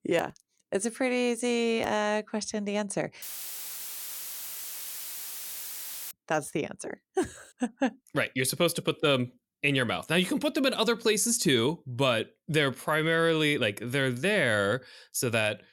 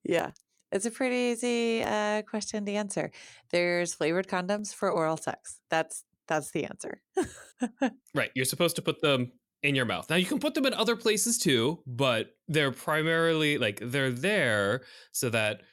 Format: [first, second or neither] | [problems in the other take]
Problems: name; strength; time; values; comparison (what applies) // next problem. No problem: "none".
second | audio cutting out; filled with static; at 3 s for 3 s